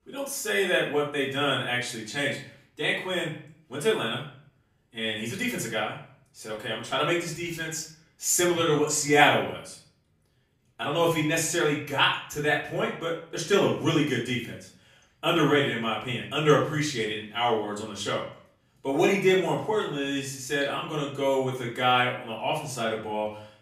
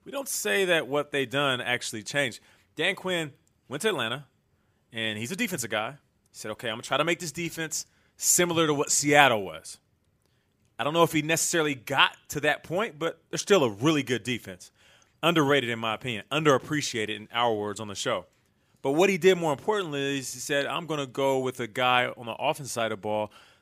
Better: second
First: off-mic speech; far // room echo; slight; dies away in 0.5 s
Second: none

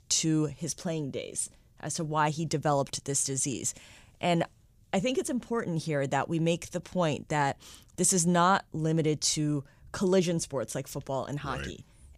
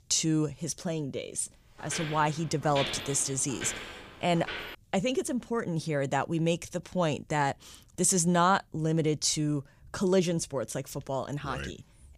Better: first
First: none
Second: footsteps; noticeable; from 2 to 5 s; peak 4 dB below the speech

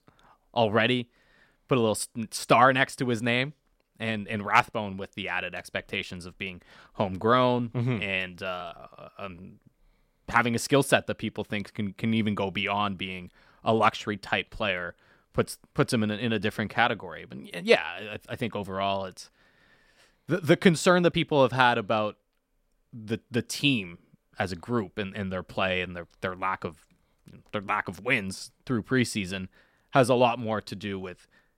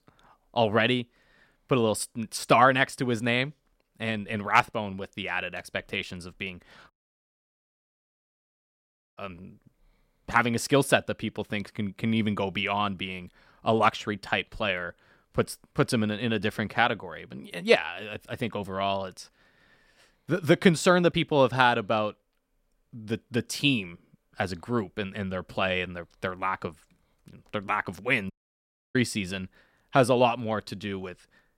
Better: first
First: none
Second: audio cutting out; at 7 s for 2.5 s and at 28 s for 0.5 s

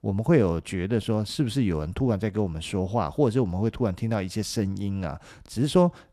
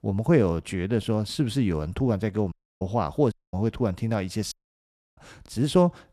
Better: first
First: none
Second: audio cutting out; at 2.5 s, at 3.5 s and at 4.5 s for 0.5 s

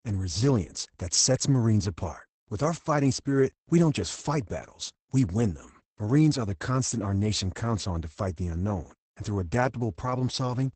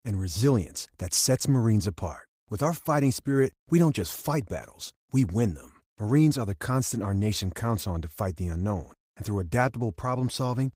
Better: second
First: garbled, watery; badly; nothing above 8 kHz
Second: garbled, watery; slightly; nothing above 15.5 kHz

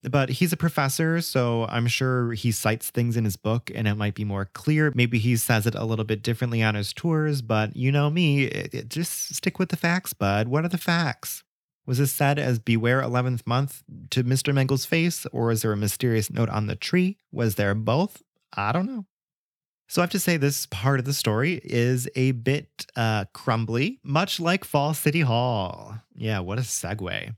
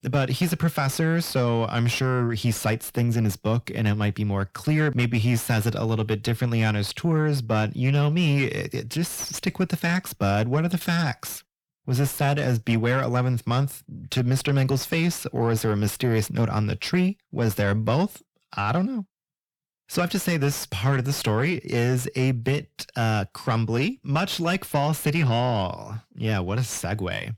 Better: first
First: none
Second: distortion; slight; 10 dB below the speech

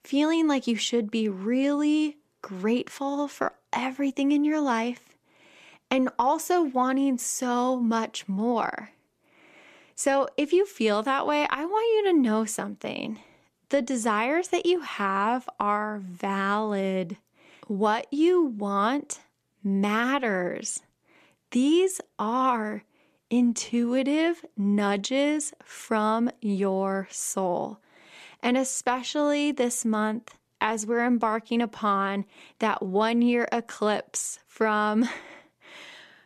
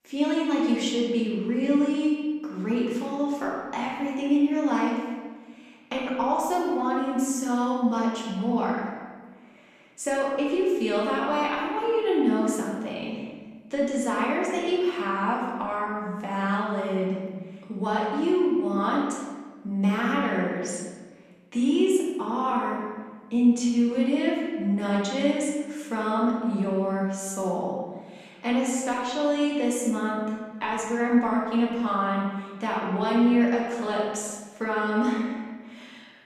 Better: first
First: none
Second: room echo; noticeable; dies away in 1.4 s // off-mic speech; far

